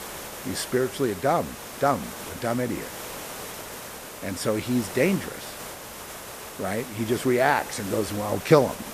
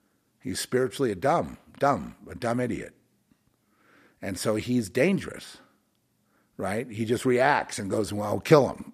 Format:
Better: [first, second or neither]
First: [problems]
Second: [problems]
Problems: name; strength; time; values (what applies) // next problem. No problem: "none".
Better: second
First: hiss; noticeable; throughout; 10 dB below the speech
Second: none